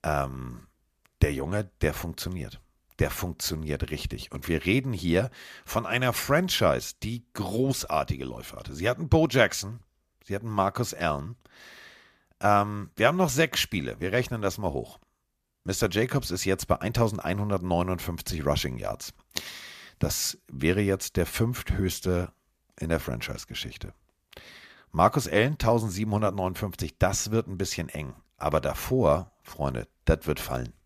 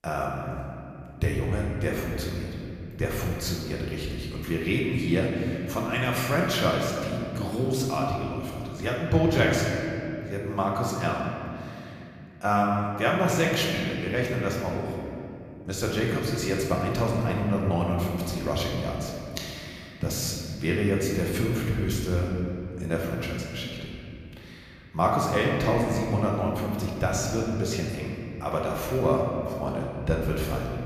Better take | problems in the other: first | room echo; noticeable; dies away in 2.7 s // off-mic speech; somewhat distant

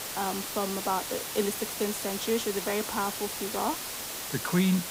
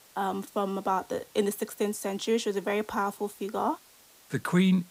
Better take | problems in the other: second | hiss; loud; throughout; 2 dB below the speech; faint in the second

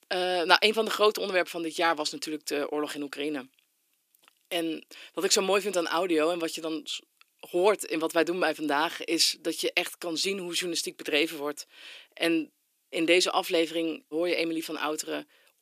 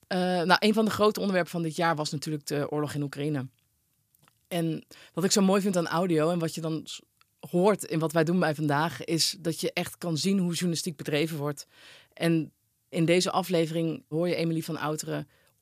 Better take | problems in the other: second | thin; somewhat; fading below 300 Hz

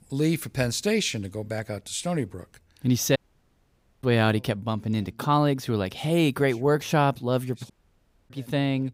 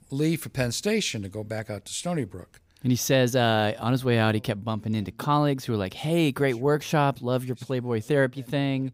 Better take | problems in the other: second | audio cutting out; at 3 s for 1 s and at 7.5 s for 0.5 s

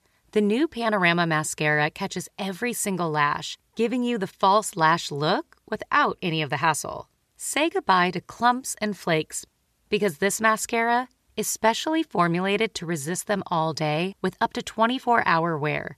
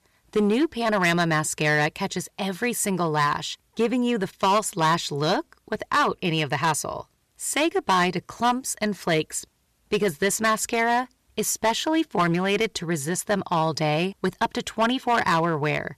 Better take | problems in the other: first | distortion; slight; 5% of the sound clipped

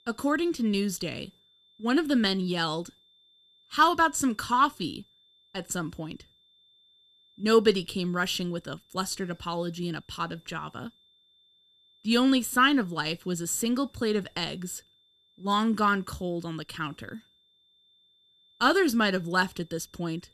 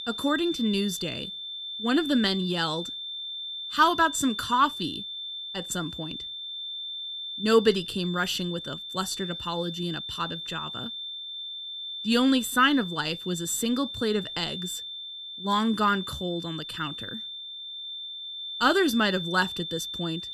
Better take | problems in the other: first | high-pitched whine; loud; throughout; 3.5 kHz, 7 dB below the speech; faint in the first

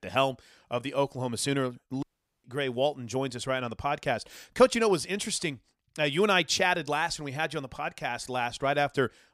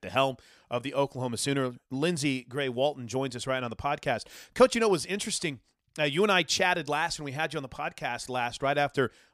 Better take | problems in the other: second | audio cutting out; at 2 s

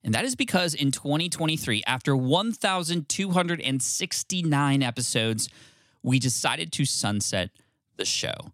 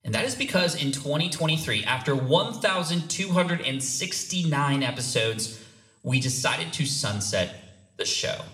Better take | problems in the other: first | room echo; slight; dies away in 0.6 s

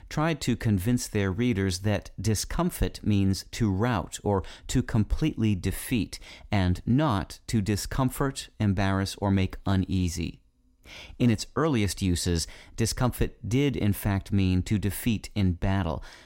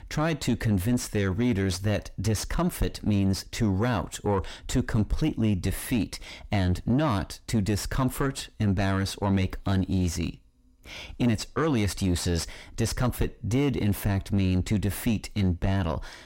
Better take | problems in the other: first | distortion; slight; 9 dB below the speech

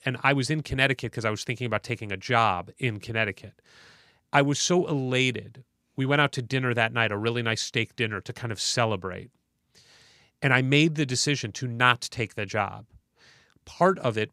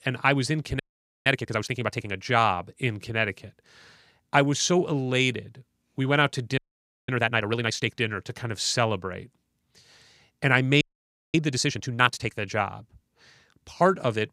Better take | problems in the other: first | audio freezing; at 1 s, at 6.5 s for 0.5 s and at 11 s for 0.5 s

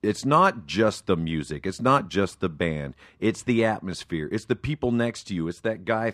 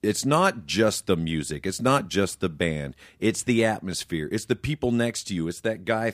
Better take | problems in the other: second | muffled; slightly; fading above 3 kHz

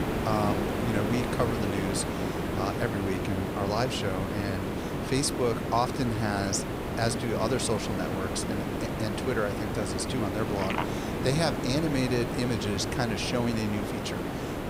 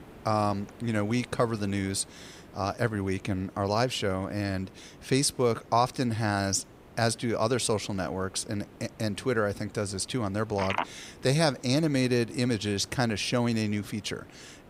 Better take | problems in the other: second | hiss; loud; throughout; 1 dB below the speech; faint in the second

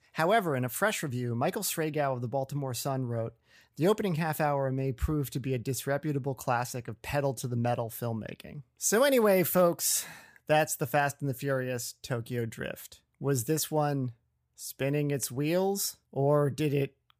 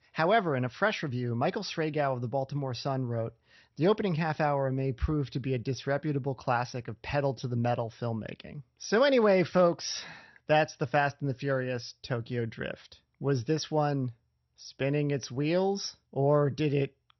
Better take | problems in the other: first | garbled, watery; slightly; nothing above 6 kHz

